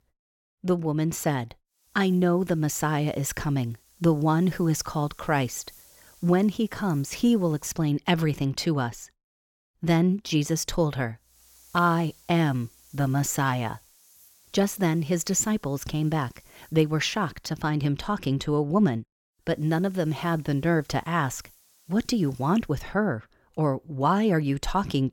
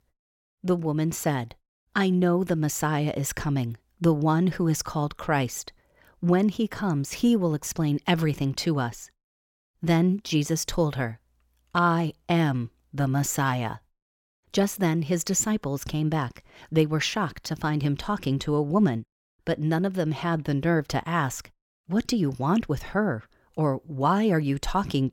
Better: second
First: hiss; faint; from 2 to 7.5 s, from 11 to 17 s and from 20 to 23 s; 30 dB below the speech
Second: none

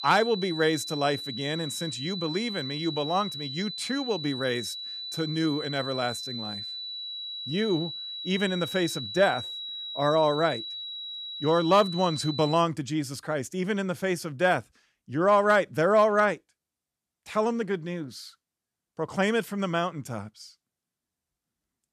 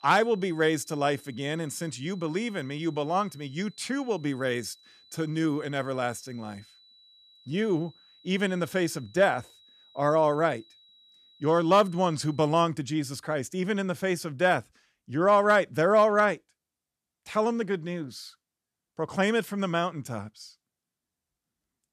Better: second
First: high-pitched whine; loud; until 13 s; 4 kHz, 7 dB below the speech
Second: high-pitched whine; faint; until 13 s; 4 kHz, 30 dB below the speech

